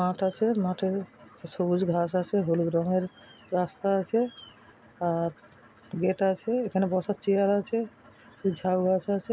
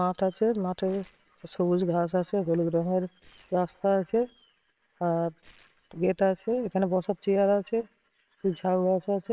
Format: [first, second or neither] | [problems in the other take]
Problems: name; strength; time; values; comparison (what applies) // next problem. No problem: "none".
first | noise reduction (neural separator model SepFormer WHAMR!)